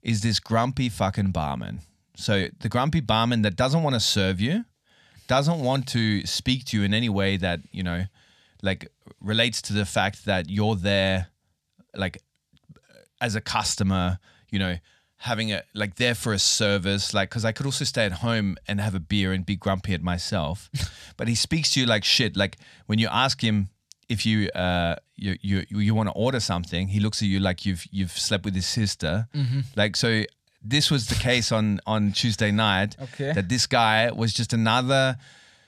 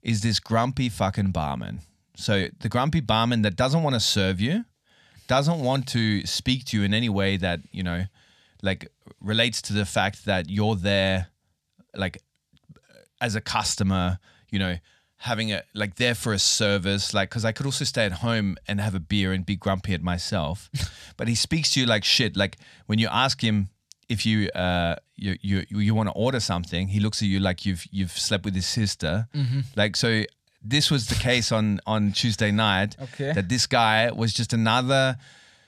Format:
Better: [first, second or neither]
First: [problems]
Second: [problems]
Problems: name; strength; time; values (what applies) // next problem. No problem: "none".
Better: neither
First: none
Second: none